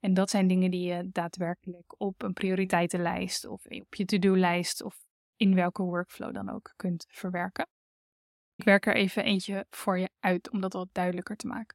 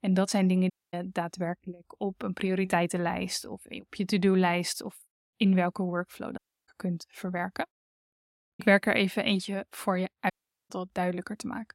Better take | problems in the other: first | audio cutting out; at 0.5 s, at 6.5 s and at 10 s

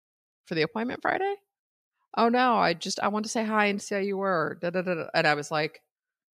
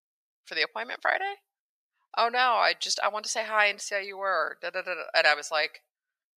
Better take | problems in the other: first | thin; very; fading below 850 Hz

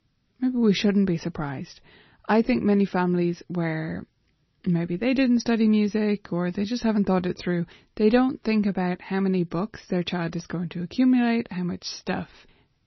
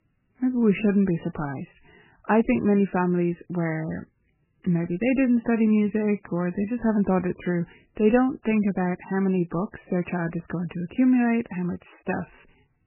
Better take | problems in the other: first | garbled, watery; badly; nothing above 3 kHz; slightly in the first

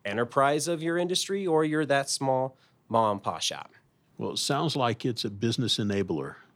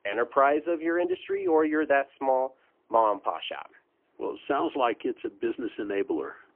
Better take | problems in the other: first | phone-call audio; poor line; nothing above 3 kHz

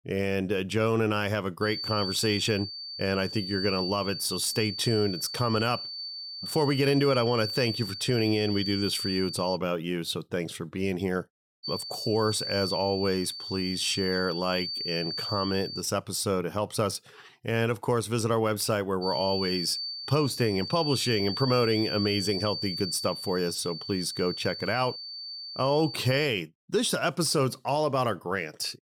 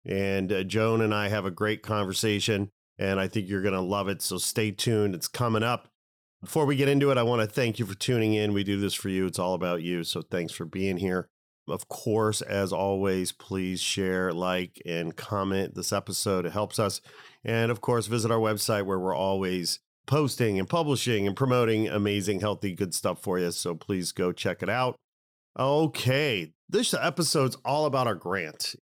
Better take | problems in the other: second | high-pitched whine; loud; from 1.5 to 9.5 s, from 12 to 16 s and from 19 to 26 s; 4.5 kHz, 5 dB below the speech

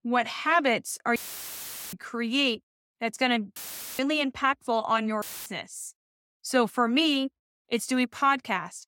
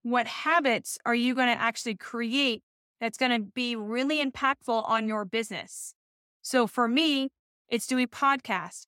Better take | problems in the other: second | audio cutting out; filled with static; at 1 s for 1 s, at 3.5 s and at 5 s

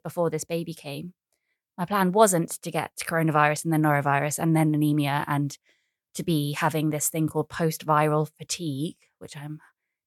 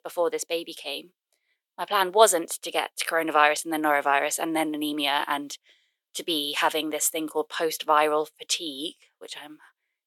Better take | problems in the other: first | thin; very; fading below 350 Hz

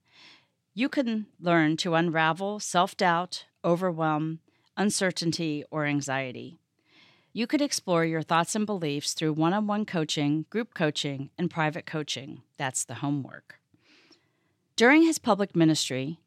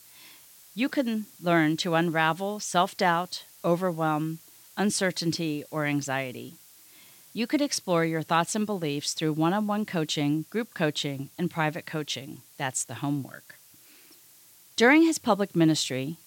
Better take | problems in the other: first | hiss; faint; throughout; 25 dB below the speech

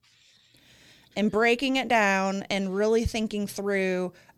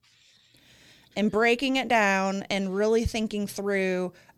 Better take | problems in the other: neither | none

